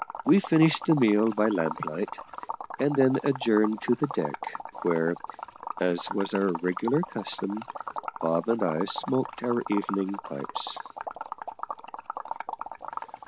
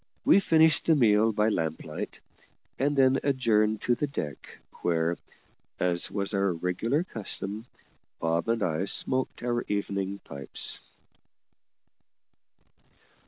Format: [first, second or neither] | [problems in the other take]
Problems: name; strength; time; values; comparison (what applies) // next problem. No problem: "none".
second | background sound (Liquid); 10 dB below the speech